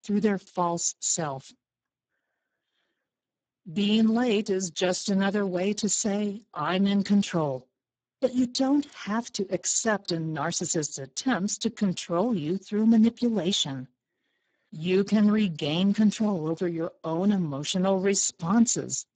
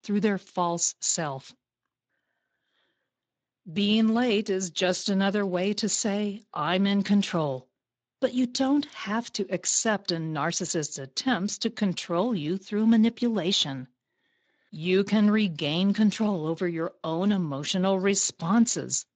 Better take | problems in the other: second | garbled, watery; badly; nothing above 7.5 kHz; slightly in the second

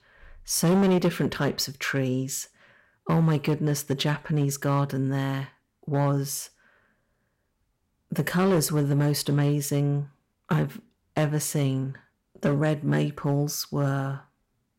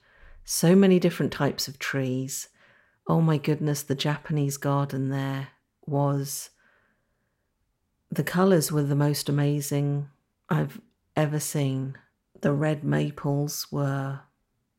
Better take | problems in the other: second | distortion; slight; 4% of the sound clipped

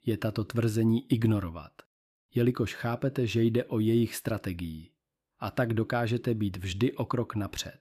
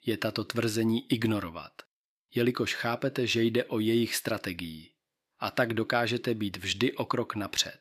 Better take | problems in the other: first | thin; very slightly; fading below 350 Hz

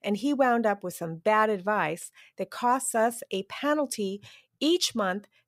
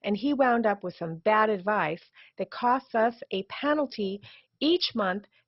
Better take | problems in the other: first | garbled, watery; badly; nothing above 5.5 kHz

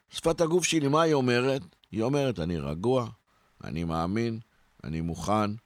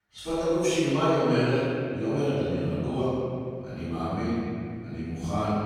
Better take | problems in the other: first | room echo; strong; dies away in 2.3 s // off-mic speech; far

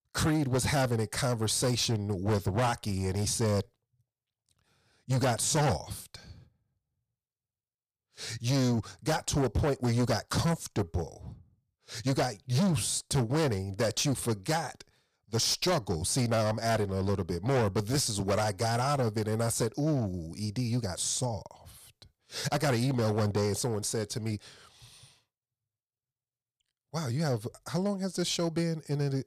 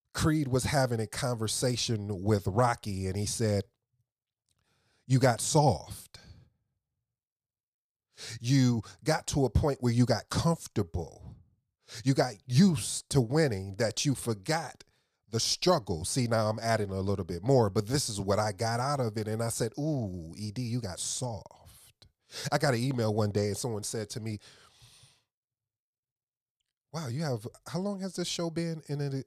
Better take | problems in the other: second | distortion; heavy; 10% of the sound clipped

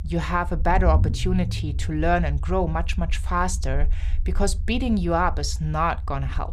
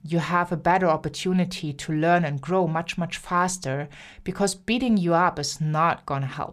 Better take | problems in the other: second | low rumble; faint; throughout; 20 dB below the speech

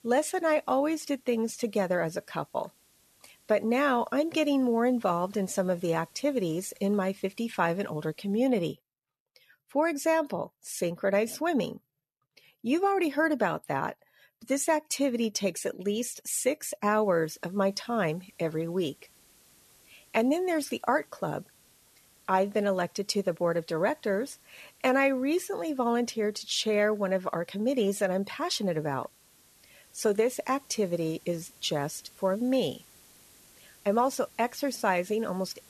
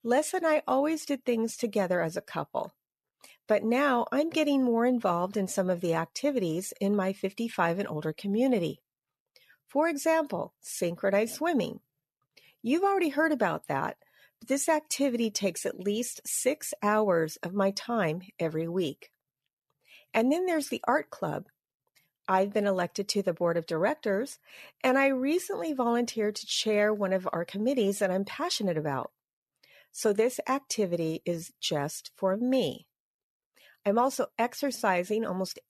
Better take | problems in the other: second | hiss; faint; until 8.5 s and from 17 s on; 30 dB below the speech

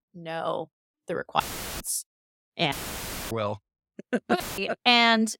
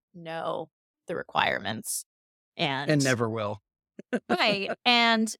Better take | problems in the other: second | audio cutting out; filled with static; at 1.5 s, at 2.5 s for 0.5 s and at 4.5 s

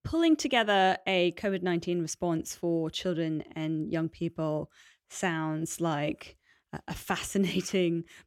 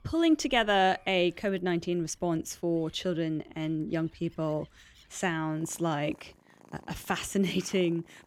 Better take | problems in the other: first | animal sounds; faint; throughout; 30 dB below the speech

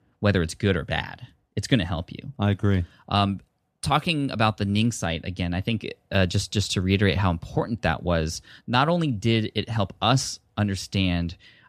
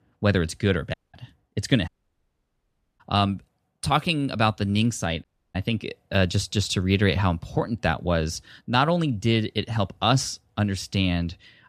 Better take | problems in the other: first | audio cutting out; at 1 s, at 2 s for 1 s and at 5 s

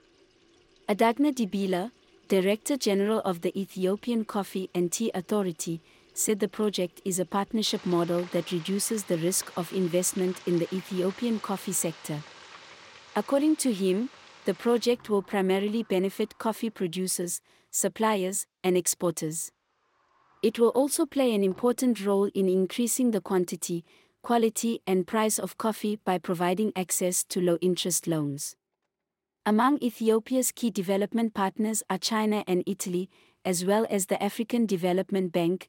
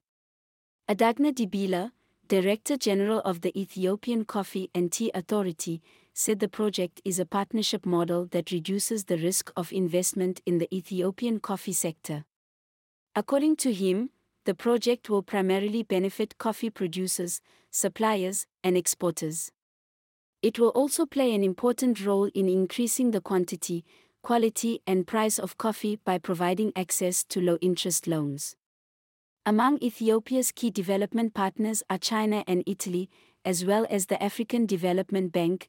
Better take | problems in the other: second | household noises; faint; throughout; 20 dB below the speech

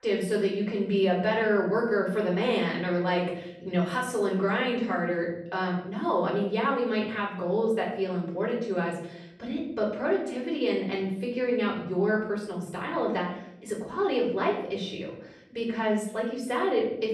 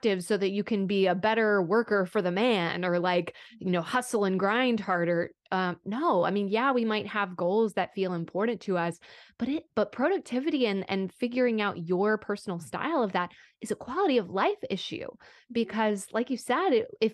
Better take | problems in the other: second | off-mic speech; far // room echo; noticeable; dies away in 0.7 s

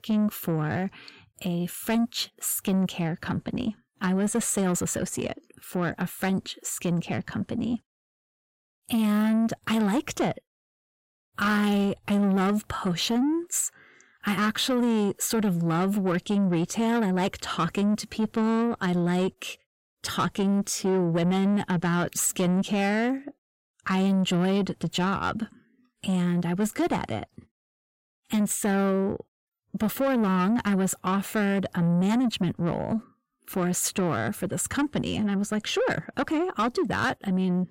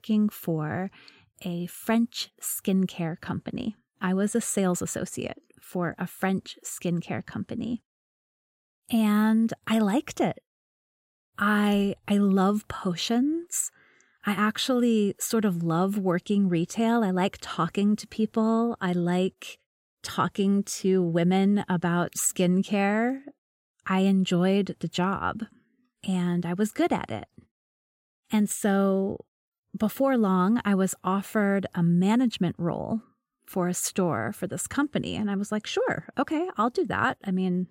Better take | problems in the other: second | distortion; slight; 10 dB below the speech

